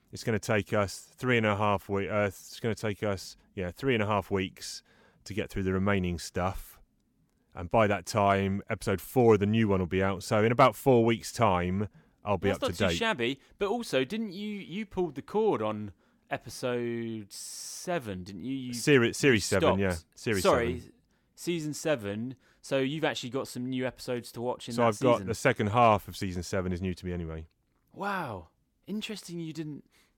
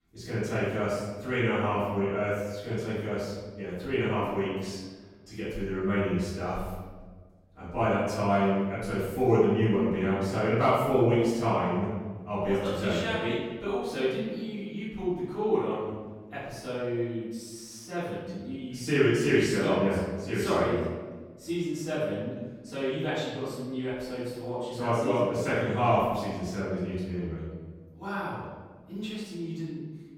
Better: first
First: none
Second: off-mic speech; far // room echo; strong; dies away in 1.3 s

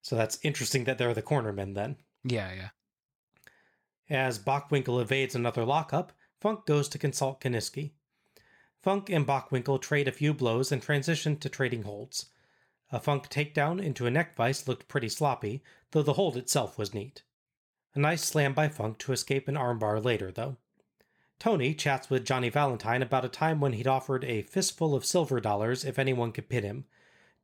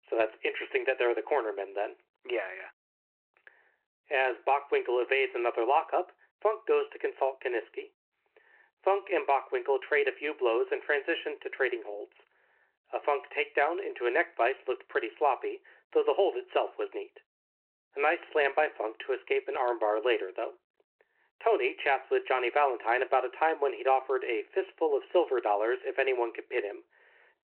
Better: first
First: none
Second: phone-call audio

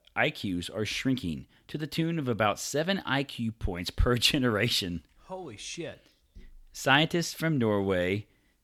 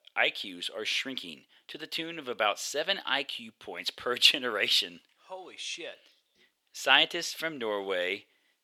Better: first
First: none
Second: thin; somewhat; fading below 500 Hz

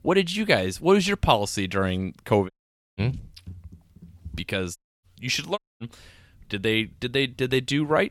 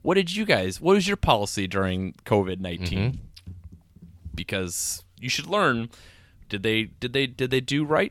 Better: second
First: audio cutting out; at 2.5 s, at 5 s and at 5.5 s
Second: none

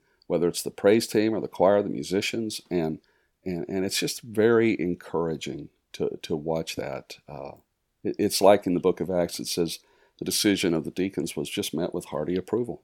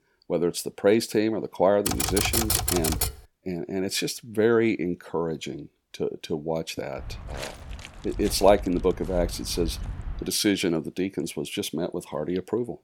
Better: first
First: none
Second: keyboard typing; loud; from 2 to 3 s; peak 3 dB above the speech // footsteps; noticeable; from 7 to 10 s; peak 9 dB below the speech

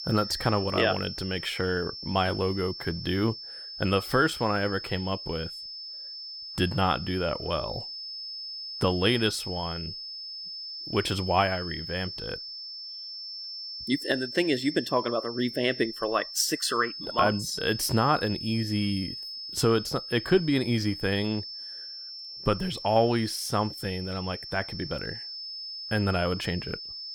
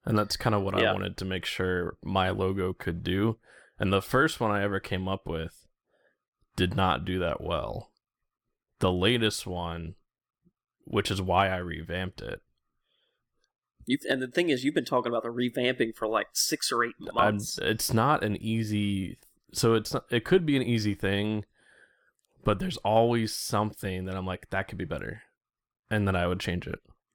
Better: second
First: high-pitched whine; loud; throughout; 5 kHz, 8 dB below the speech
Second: none

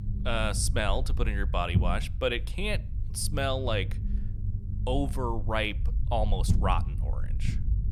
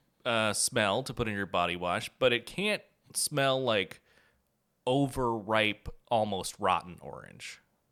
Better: second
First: low rumble; noticeable; throughout; 15 dB below the speech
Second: none

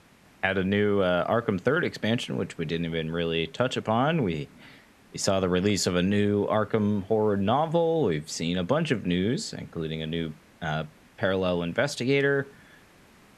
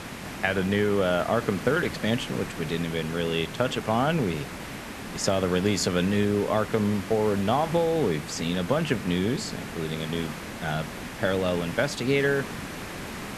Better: first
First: hiss; faint; throughout; 30 dB below the speech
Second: hiss; loud; throughout; 10 dB below the speech

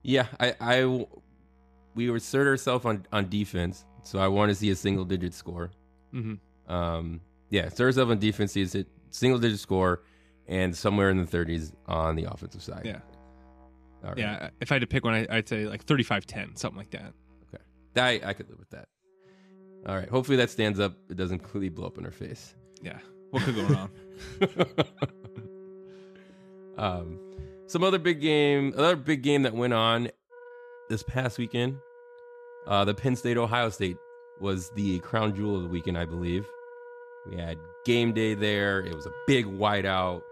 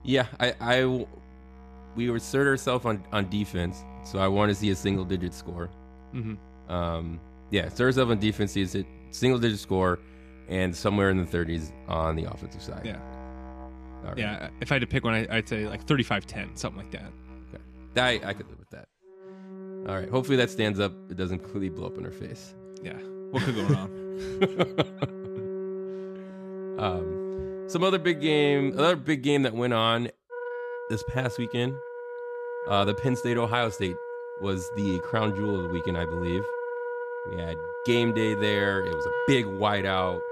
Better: first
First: background music; faint; throughout; 20 dB below the speech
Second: background music; loud; throughout; 10 dB below the speech

